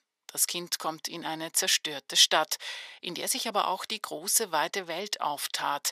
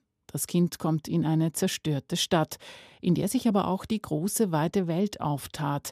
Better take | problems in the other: second | thin; very; fading below 800 Hz

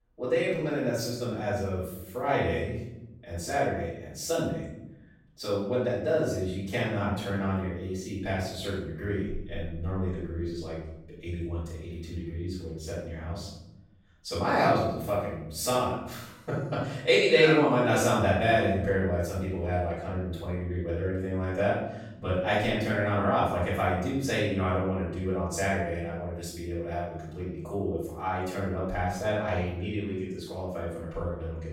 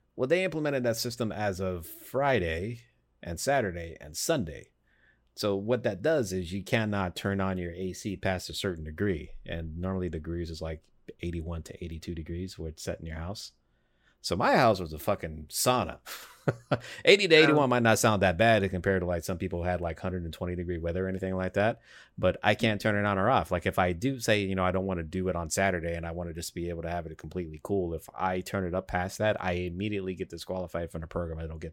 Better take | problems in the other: second | off-mic speech; far // room echo; noticeable; dies away in 0.8 s

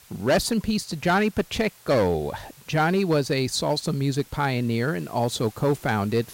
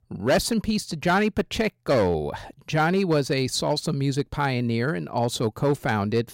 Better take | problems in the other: second | hiss; faint; throughout; 25 dB below the speech

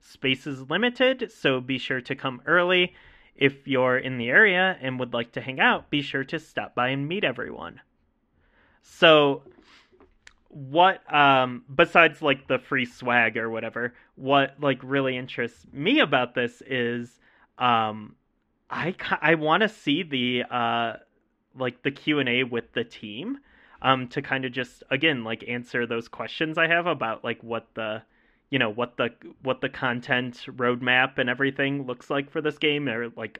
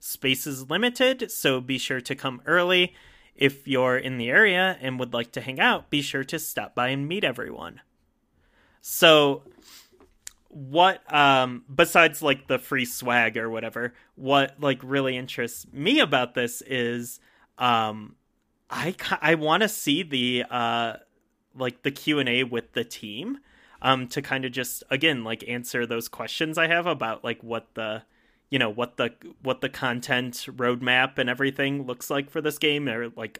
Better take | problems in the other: second | muffled; very; fading above 2.5 kHz

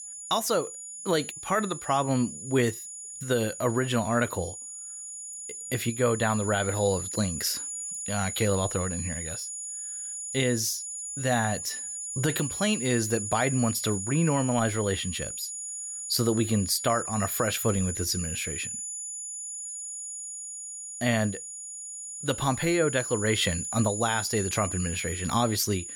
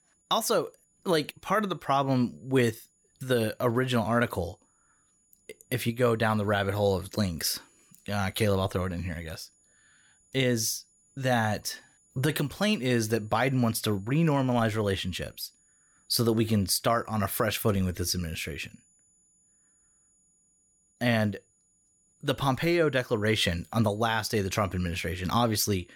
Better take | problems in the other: second | high-pitched whine; loud; throughout; 7 kHz, 6 dB below the speech; faint in the second

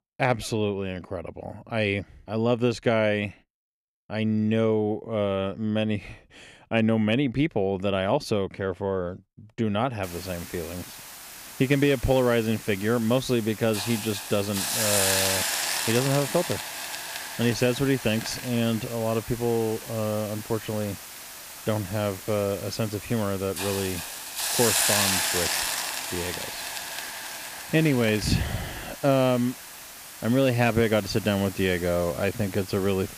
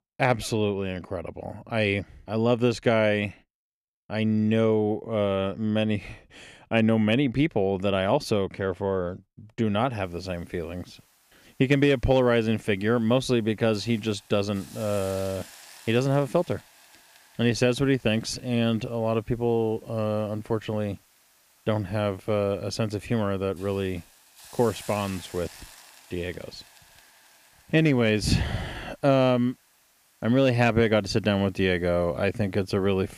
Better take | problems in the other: second | hiss; loud; from 10 s on; 4 dB below the speech; faint in the second

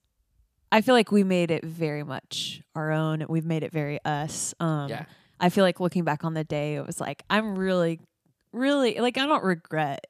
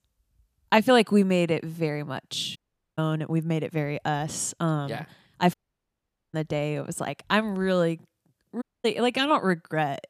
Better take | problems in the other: first | audio cutting out; at 2.5 s, at 5.5 s for 1 s and at 8.5 s

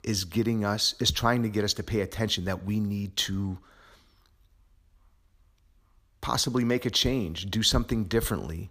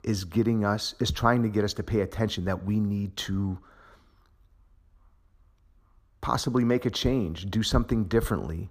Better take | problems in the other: first | muffled; slightly; fading above 1.5 kHz

